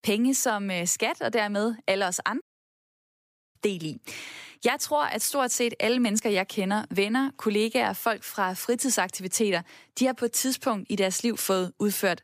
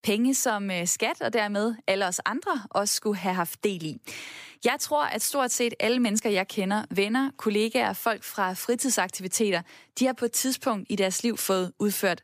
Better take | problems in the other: second | audio cutting out; at 2.5 s for 1 s

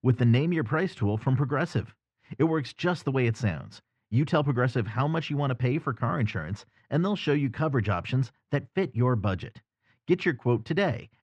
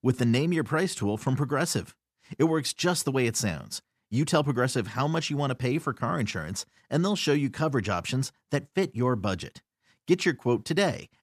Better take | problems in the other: second | muffled; slightly; fading above 2.5 kHz

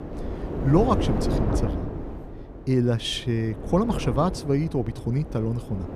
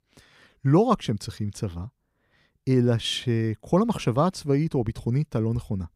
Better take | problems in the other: second | wind noise on the microphone; heavy; 7 dB below the speech

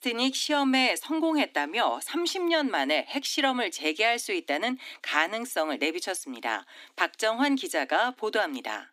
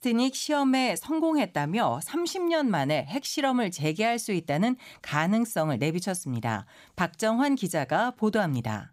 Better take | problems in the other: second | thin; very slightly; fading below 250 Hz

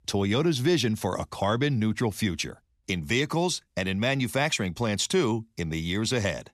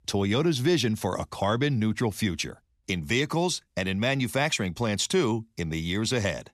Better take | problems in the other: neither | none

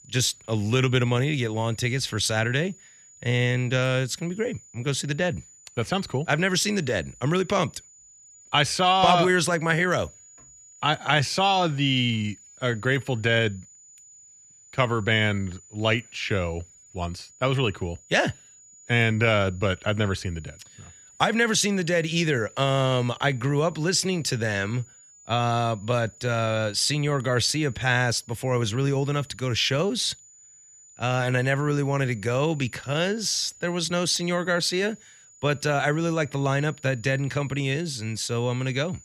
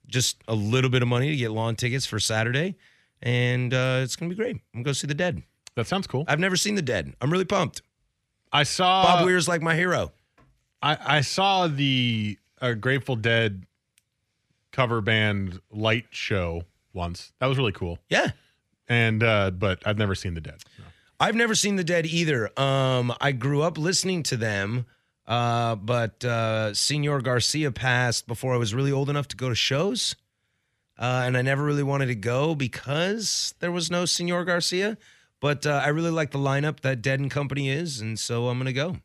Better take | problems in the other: second | high-pitched whine; faint; throughout; 7 kHz, 25 dB below the speech

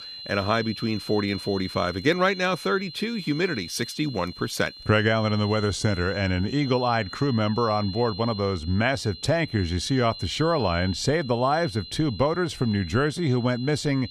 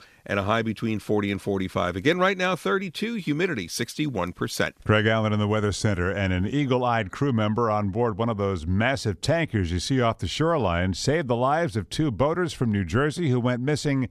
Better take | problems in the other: second | high-pitched whine; noticeable; throughout; 4 kHz, 15 dB below the speech

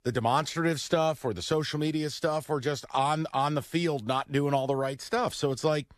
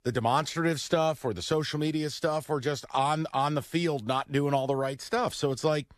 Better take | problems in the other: neither | none

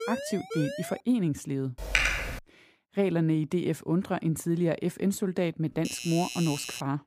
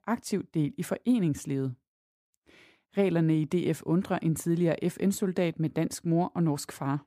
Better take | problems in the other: second | siren; noticeable; until 1 s; peak 7 dB below the speech // keyboard typing; loud; at 2 s; peak 4 dB above the speech // doorbell; noticeable; from 6 s on; peak 6 dB below the speech

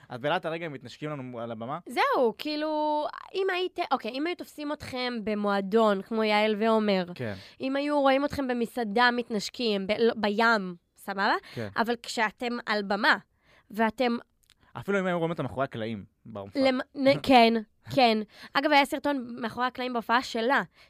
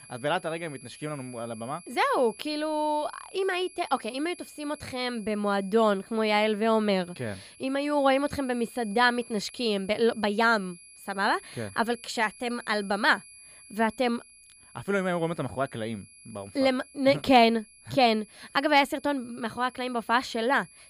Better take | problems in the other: first | high-pitched whine; faint; throughout; 11 kHz, 20 dB below the speech

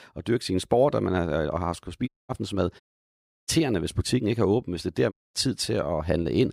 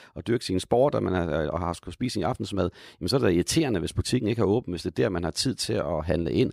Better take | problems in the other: second | audio cutting out; at 2 s, at 3 s for 0.5 s and at 5 s

